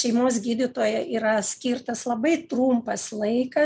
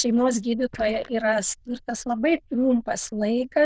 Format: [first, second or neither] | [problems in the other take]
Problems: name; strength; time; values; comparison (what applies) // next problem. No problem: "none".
first | noise reduction (neural diffusion model UNIVERSE++)